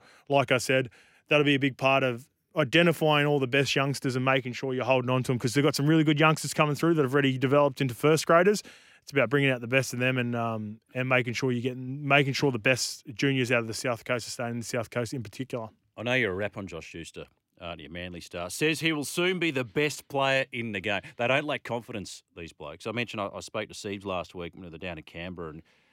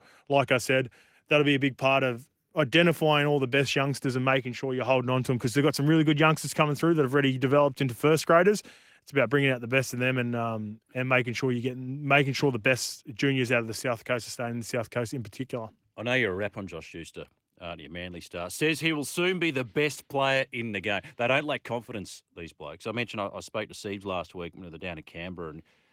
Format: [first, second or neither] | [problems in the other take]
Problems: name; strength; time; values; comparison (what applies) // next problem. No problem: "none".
first | garbled, watery; slightly; nothing above 16 kHz